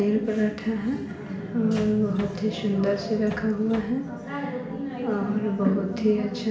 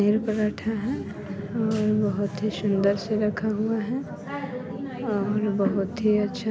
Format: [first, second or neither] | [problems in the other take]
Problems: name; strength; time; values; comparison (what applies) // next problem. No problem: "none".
second | background sound (Bass drum); 17 dB below the speech // room echo; dies away in 0.6 s